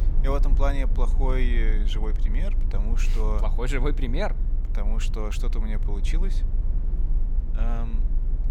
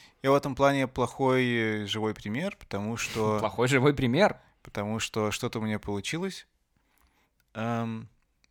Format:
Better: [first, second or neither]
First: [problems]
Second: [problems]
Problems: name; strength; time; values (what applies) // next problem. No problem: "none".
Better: second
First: low rumble; noticeable; throughout; 15 dB below the speech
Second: none